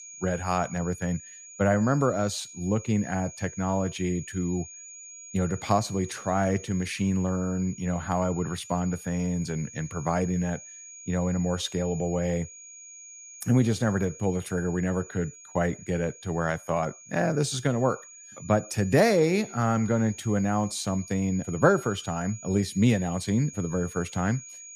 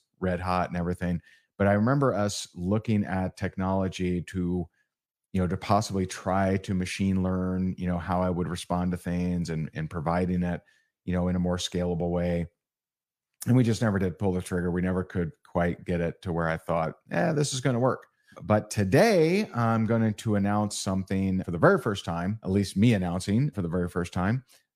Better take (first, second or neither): second